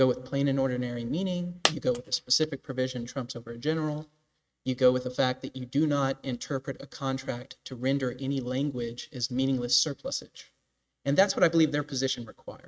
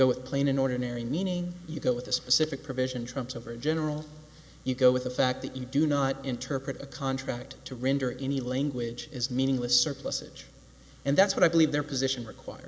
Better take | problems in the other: second | noise reduction (neural mask model RNNoise)

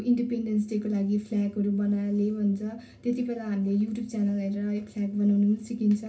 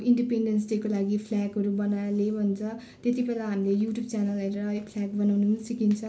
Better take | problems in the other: second | room echo; dies away in 0.4 s

